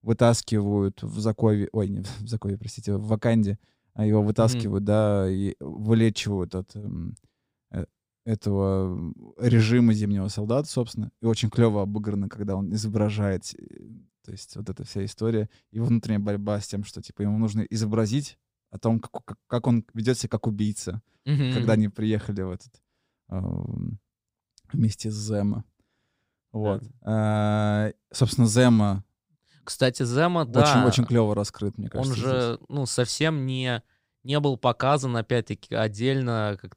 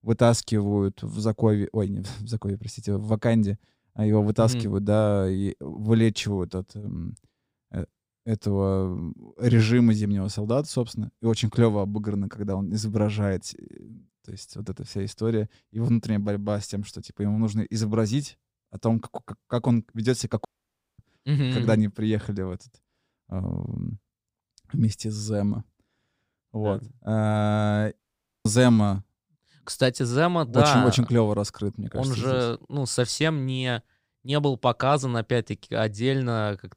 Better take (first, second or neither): first